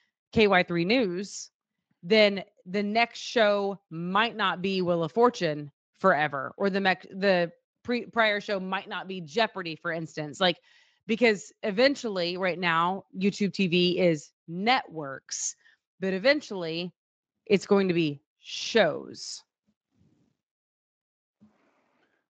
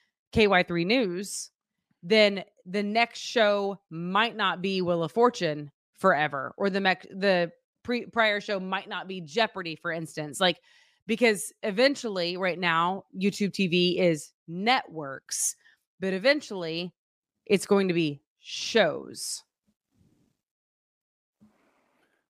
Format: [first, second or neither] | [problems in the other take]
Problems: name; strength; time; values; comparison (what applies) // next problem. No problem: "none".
second | garbled, watery; slightly; nothing above 7.5 kHz